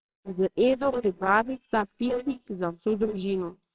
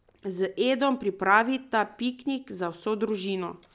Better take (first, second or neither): second